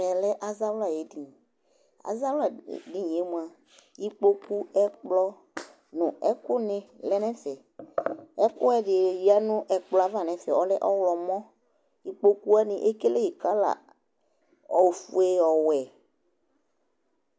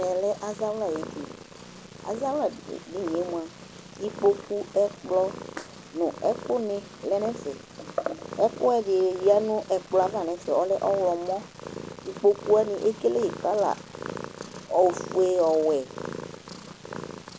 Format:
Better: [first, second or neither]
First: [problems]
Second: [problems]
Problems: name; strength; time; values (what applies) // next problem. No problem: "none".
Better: first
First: none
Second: background sound (Purr); 13 dB below the speech